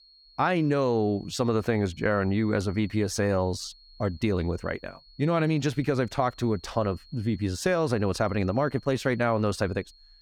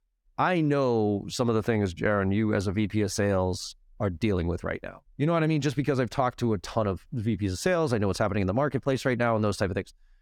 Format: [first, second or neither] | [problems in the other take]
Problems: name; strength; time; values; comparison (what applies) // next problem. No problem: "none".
second | high-pitched whine; faint; throughout; 4.5 kHz, 25 dB below the speech